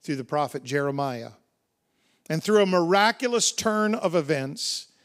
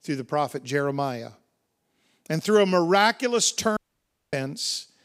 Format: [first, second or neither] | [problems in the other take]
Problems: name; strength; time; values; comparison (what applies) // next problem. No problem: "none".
first | audio cutting out; at 4 s for 0.5 s